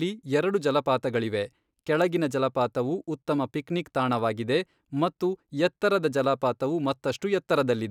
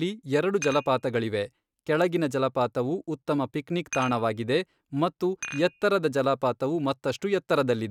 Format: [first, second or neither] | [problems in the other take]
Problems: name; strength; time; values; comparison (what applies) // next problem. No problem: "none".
first | noise reduction (neural mask model RNNoise)